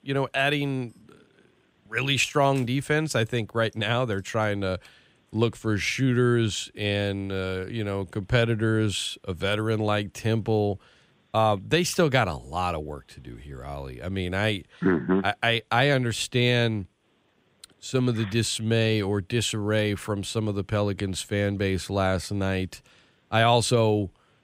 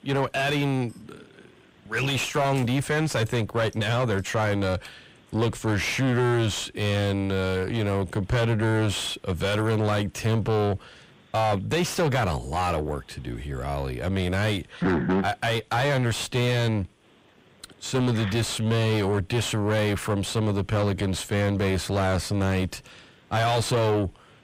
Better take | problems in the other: first | distortion; heavy; 6 dB below the speech

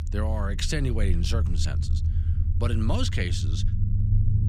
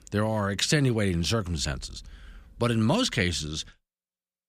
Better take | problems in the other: second | low rumble; loud; throughout; 9 dB below the speech

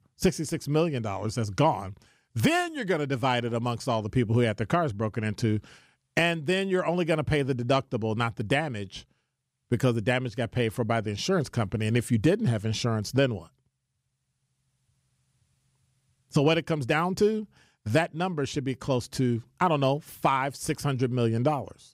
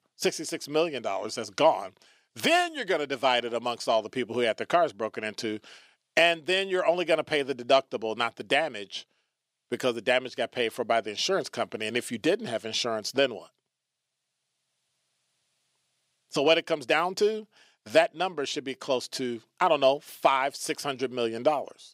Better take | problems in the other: first | thin; somewhat; fading below 400 Hz

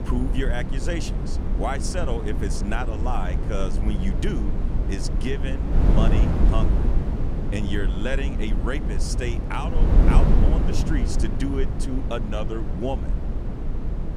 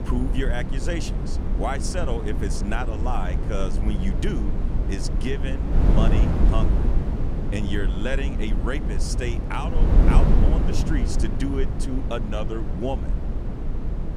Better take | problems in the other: neither | wind noise on the microphone; heavy; 3 dB below the speech; the same in both

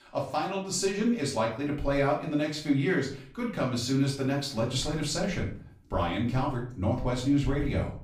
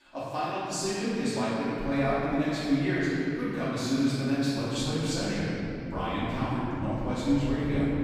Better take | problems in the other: first | room echo; strong; dies away in 3 s; slight in the first // off-mic speech; far; far in the first

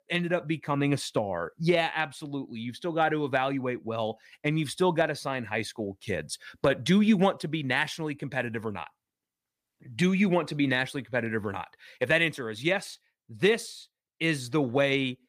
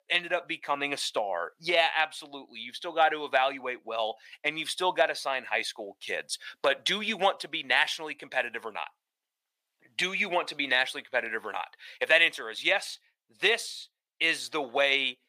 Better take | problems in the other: first | thin; very; fading below 600 Hz

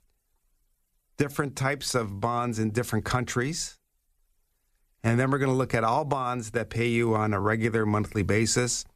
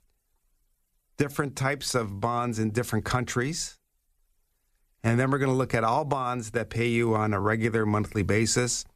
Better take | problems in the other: neither | none

